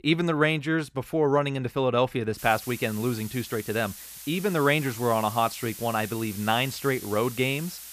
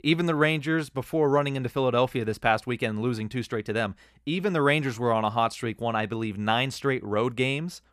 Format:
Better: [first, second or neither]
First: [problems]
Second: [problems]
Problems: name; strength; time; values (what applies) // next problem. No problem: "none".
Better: second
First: hiss; noticeable; from 2.5 s on; 15 dB below the speech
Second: none